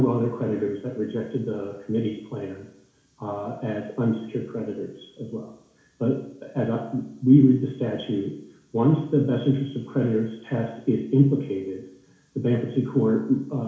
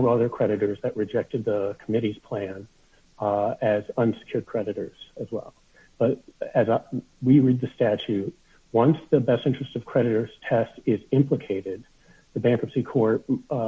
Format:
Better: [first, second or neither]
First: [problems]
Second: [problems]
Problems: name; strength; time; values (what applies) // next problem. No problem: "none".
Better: second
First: room echo; dies away in 0.7 s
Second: none